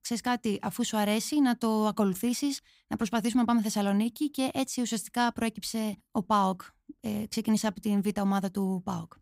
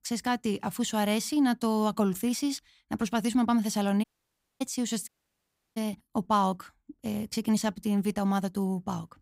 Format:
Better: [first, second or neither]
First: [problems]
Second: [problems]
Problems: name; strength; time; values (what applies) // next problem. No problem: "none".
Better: first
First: none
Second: audio cutting out; at 4 s for 0.5 s and at 5 s for 0.5 s